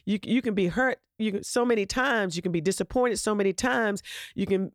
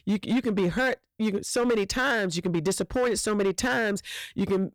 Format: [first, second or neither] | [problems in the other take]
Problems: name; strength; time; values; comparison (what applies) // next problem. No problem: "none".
first | distortion; slight; 10% of the sound clipped